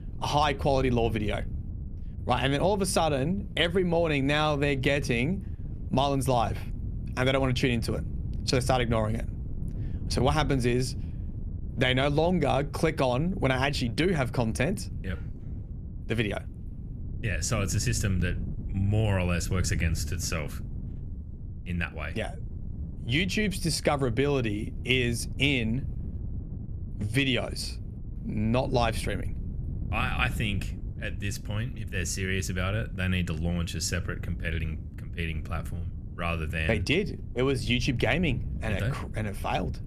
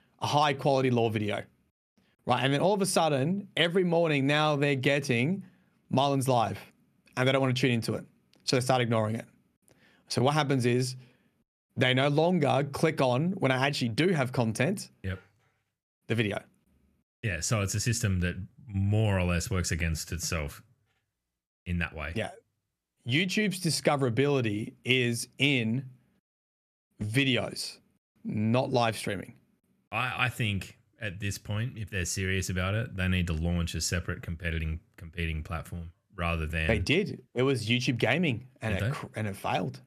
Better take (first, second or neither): second